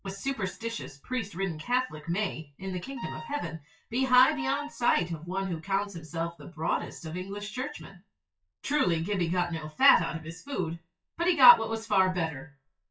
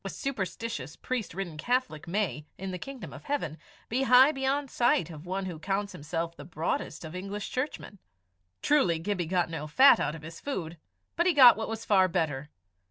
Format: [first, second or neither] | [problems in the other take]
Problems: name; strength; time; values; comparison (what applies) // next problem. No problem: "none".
second | noise reduction (classical method WPE with log-MMSE)